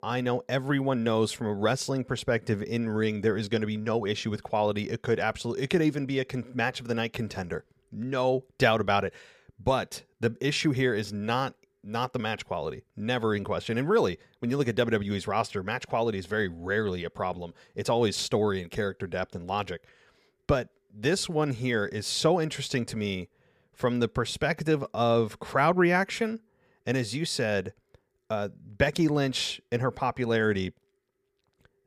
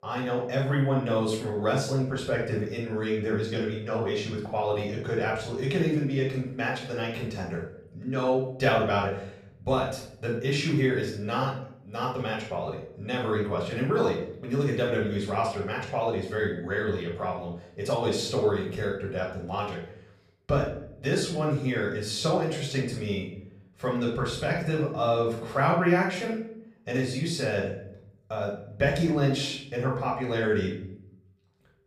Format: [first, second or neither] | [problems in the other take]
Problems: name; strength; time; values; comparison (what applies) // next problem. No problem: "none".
first | off-mic speech; far // room echo; noticeable; dies away in 0.6 s